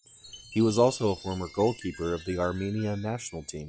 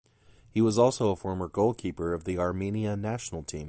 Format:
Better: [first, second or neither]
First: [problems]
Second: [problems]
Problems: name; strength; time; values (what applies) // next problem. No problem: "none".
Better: second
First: noise reduction (classical method log-MMSE)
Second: none